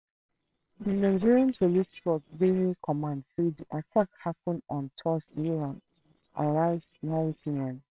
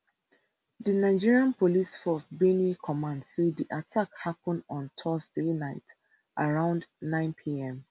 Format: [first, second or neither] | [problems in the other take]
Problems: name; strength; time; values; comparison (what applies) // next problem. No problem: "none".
second | noise reduction (neural separator model SepFormer WHAMR!)